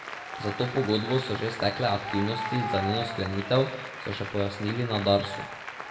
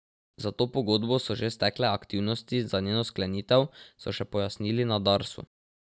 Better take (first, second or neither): second